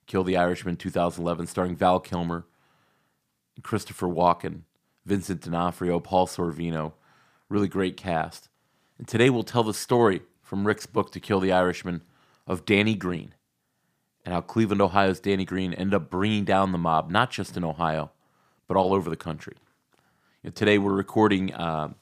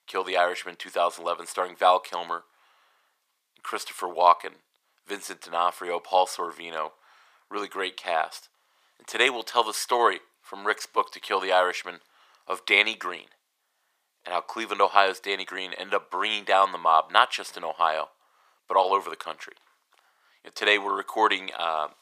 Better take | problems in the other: first | thin; very; fading below 550 Hz

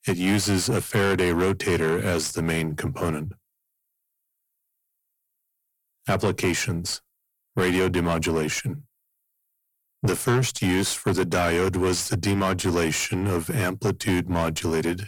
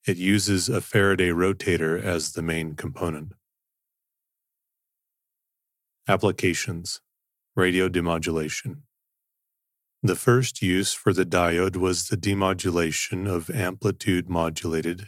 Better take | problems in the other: second | distortion; heavy; 7 dB below the speech

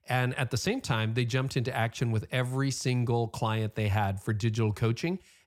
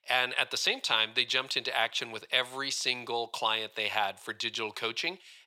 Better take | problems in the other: first | thin; very; fading below 600 Hz

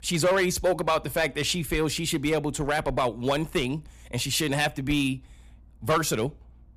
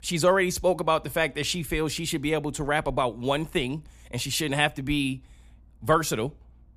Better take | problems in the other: second | distortion; slight; 4% of the sound clipped

